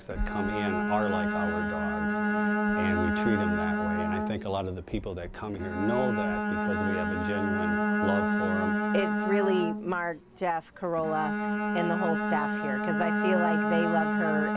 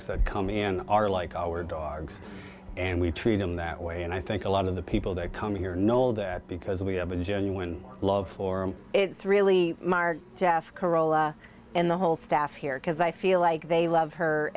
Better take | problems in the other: second | background sound (Bowed string instrument); 3 dB above the speech

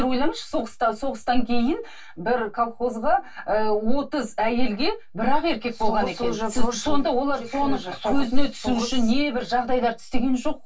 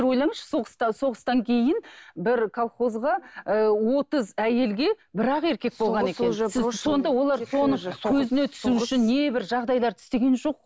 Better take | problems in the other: second | room echo; dies away in 0.1 s

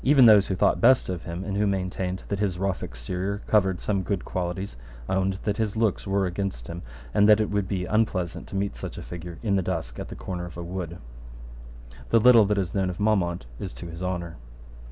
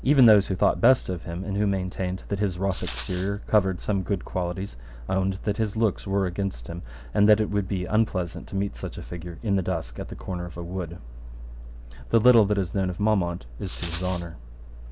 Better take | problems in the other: first | background sound (Rattle); 16 dB below the speech

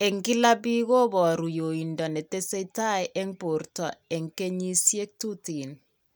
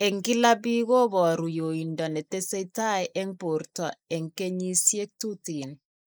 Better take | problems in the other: first | noise reduction (neural mask model Resemble Enhance denoiser)

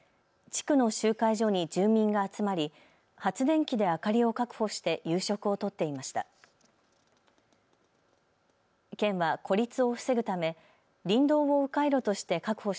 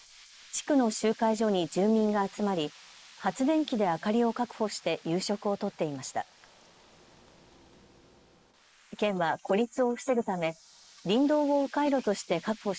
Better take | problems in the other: first | noise reduction (neural mask model Resemble Enhance denoiser)

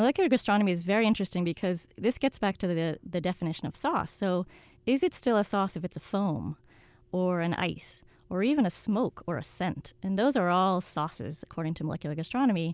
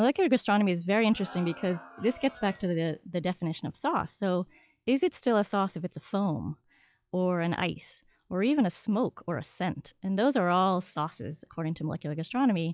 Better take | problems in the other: first | noise reduction (classical method log-MMSE)

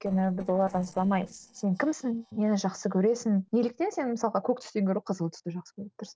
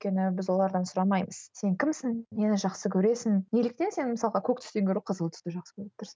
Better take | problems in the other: second | noise reduction (neural separator model SepFormer DNS4)

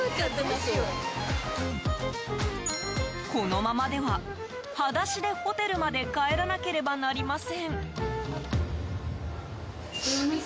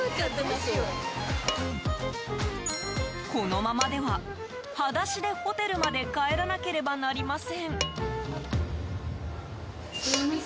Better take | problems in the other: first | background sound (Dishes, pots, and pans); 12 dB below the speech

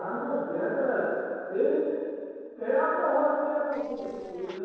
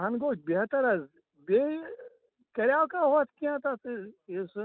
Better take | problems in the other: second | noise reduction (neural separator model SepFormer DNS4)

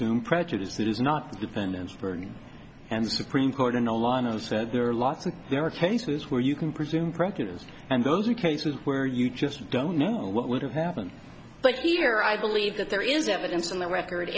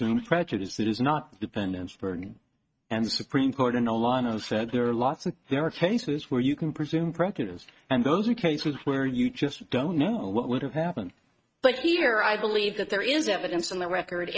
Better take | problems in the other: first | noise reduction (neural mask model RNNoise)

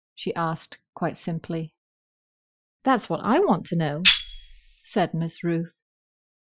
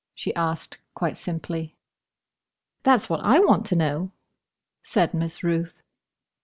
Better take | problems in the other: second | noise reduction (classical method Wiener filter)

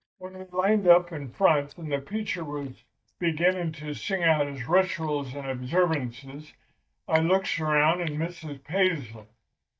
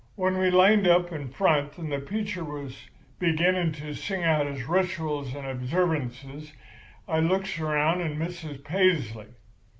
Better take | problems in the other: second | noise reduction (neural mask model DeepFilterNet 3)

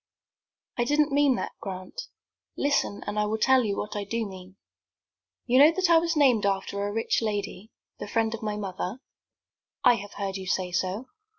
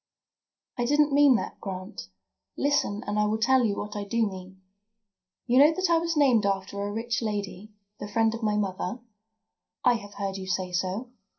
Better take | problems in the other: first | room echo; dies away in 0.3 s

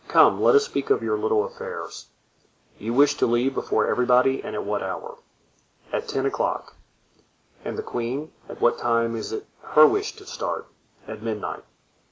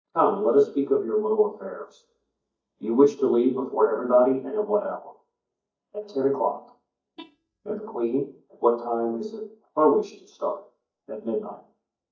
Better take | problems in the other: first | noise reduction (neural mask model DeepFilterNet 3)

